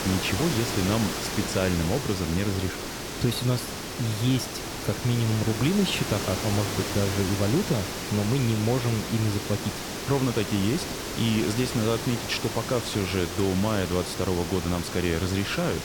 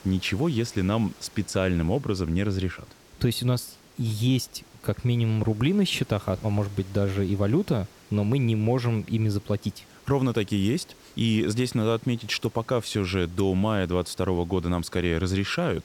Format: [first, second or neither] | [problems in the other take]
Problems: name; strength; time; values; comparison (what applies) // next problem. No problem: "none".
second | hiss; loud; throughout; 4 dB below the speech; faint in the second